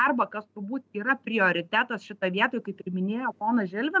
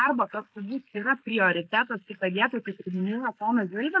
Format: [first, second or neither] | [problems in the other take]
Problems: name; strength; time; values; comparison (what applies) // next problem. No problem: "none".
first | noise reduction (neural mask model Resemble Enhance denoiser)